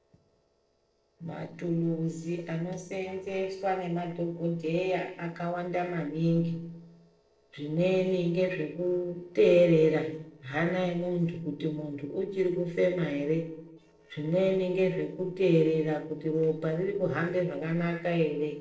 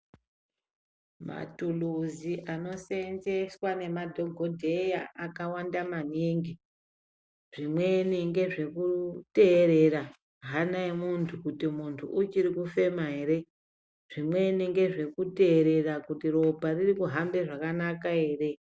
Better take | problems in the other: second | noise reduction (neural separator model SepFormer DNS4)

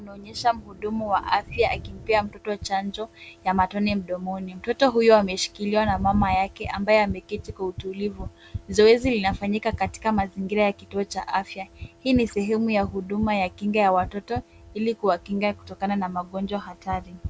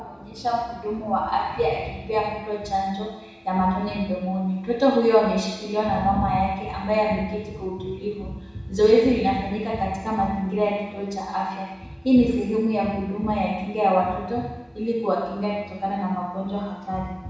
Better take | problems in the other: first | room echo; dies away in 1.1 s

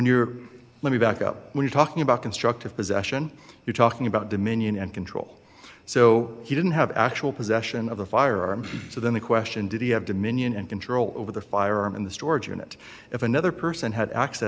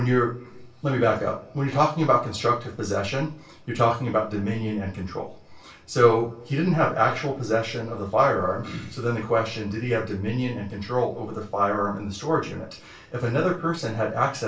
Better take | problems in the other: first | room echo; dies away in 0.2 s

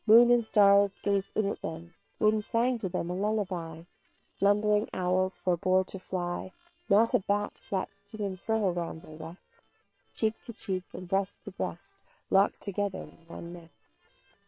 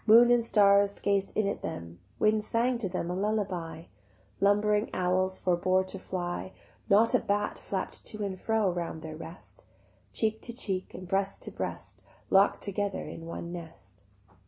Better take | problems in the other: second | noise reduction (neural separator model SepFormer WHAM!)

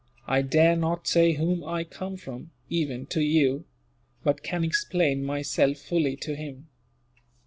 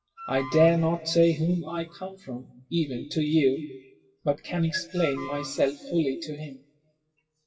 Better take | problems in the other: first | noise reduction (classical method WPE with log-MMSE)

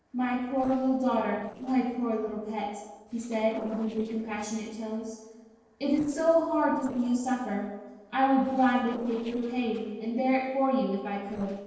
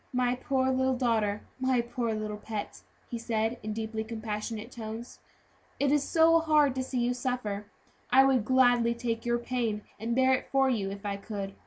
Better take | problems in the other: second | noise reduction (neural separator model SepFormer DNS4)

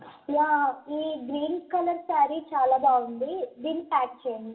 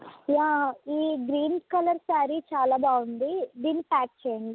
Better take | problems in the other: second | room echo; dies away in 0.7 s

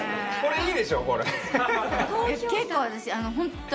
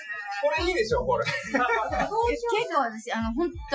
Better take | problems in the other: first | noise reduction (classical method Wiener filter)

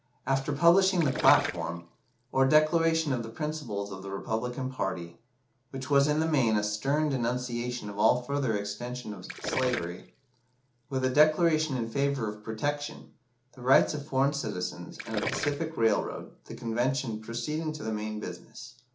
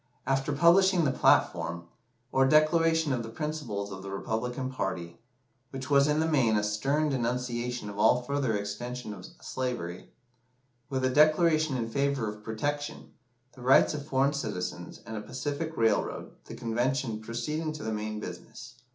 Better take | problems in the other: second | background sound (Gurgling); 12 dB below the speech

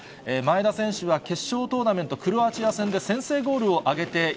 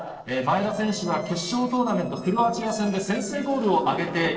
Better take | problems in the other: first | noise reduction (neural separator model SepFormer DNS4)

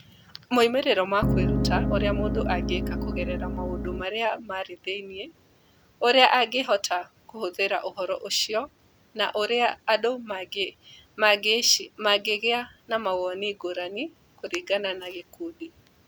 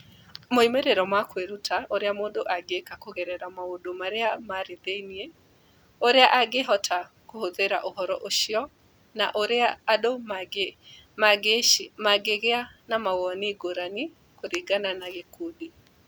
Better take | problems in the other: second | background sound (Piano); 1 dB above the speech

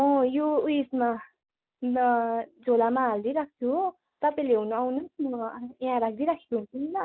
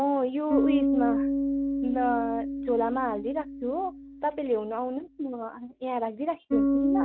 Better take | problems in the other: first | background sound (Bass guitar); 1 dB above the speech

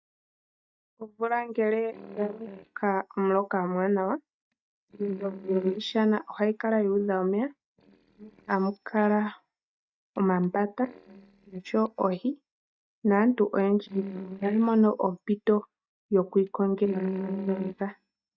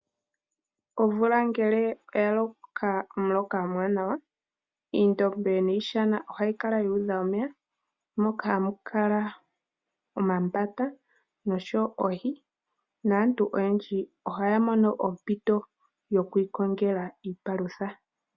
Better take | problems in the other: second | noise reduction (neural mask model DeepFilterNet 3)

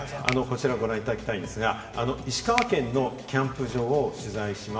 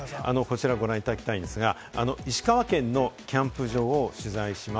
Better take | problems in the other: second | background sound (Finger snapping); 13 dB below the speech // room echo; dies away in 2.2 s

